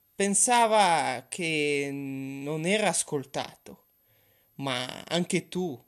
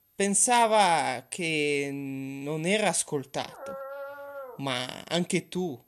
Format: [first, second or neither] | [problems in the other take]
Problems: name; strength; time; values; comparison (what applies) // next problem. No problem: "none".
first | dog barking; faint; from 3.5 to 4.5 s; peak 10 dB below the speech